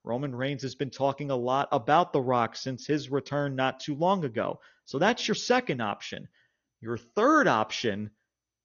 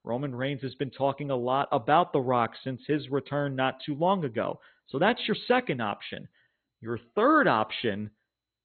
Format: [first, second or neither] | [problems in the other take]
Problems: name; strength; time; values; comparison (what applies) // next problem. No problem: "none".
first | garbled, watery; badly; nothing above 4 kHz; slightly in the first